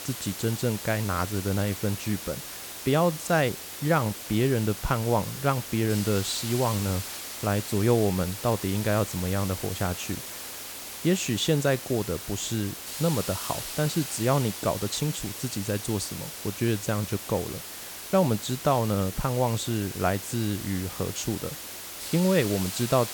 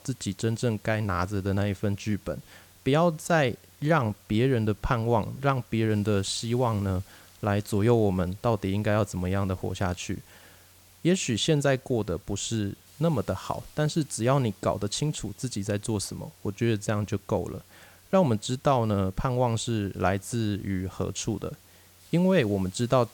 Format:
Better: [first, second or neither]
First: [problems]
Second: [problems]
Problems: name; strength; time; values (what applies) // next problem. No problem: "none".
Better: second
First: hiss; loud; throughout; 8 dB below the speech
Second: hiss; faint; throughout; 25 dB below the speech